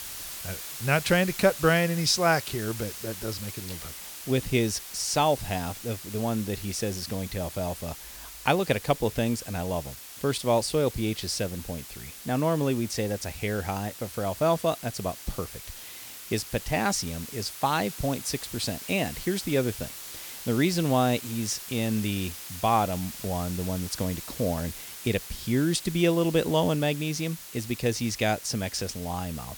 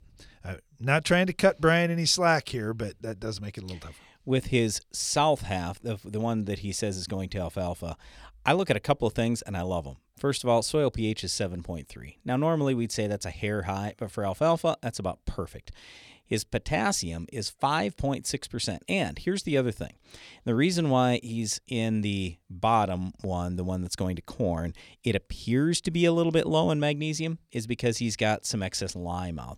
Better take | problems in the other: second | hiss; noticeable; throughout; 10 dB below the speech

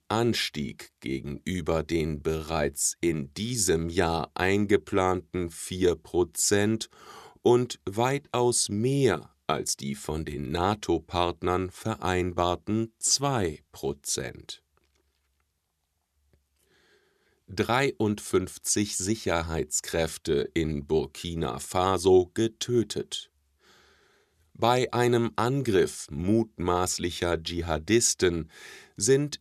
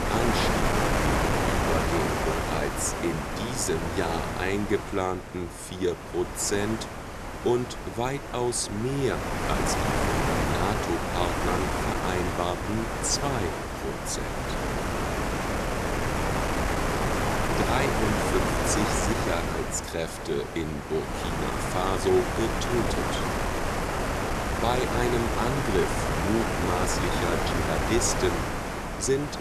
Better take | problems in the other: first | wind noise on the microphone; heavy; 2 dB above the speech

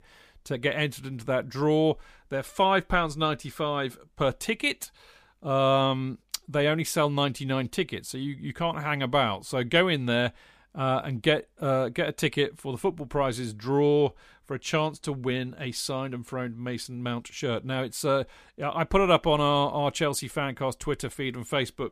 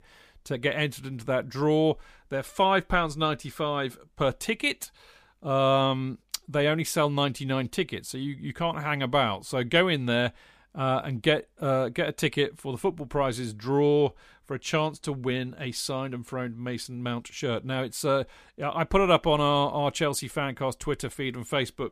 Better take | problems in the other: neither | none

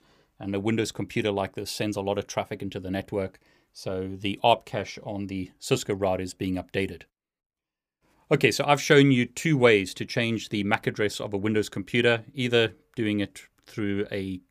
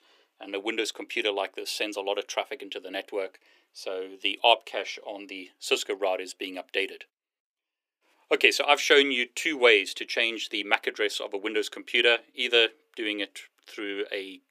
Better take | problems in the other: first | thin; somewhat; fading below 350 Hz

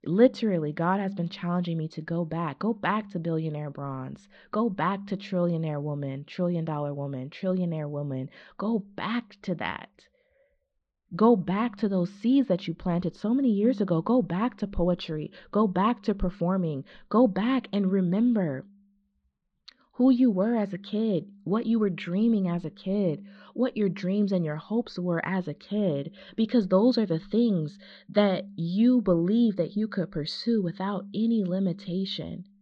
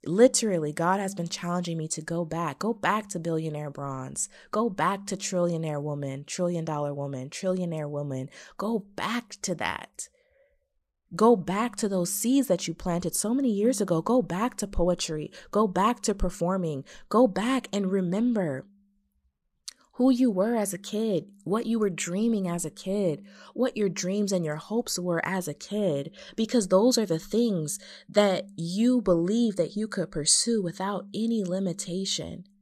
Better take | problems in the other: second | muffled; slightly; fading above 4 kHz

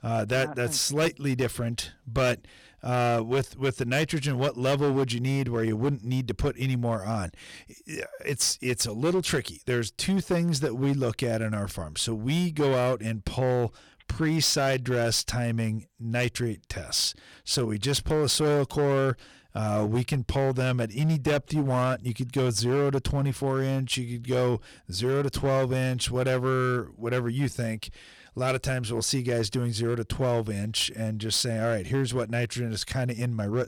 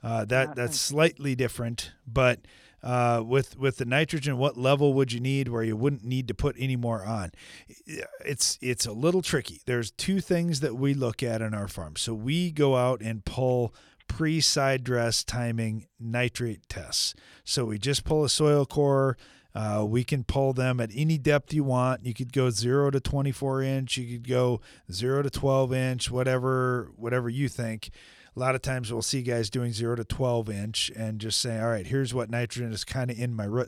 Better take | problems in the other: second | distortion; slight; 9% of the sound clipped

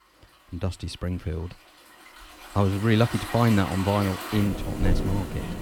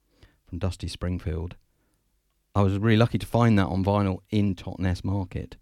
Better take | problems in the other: second | rain or running water; loud; throughout; 7 dB below the speech

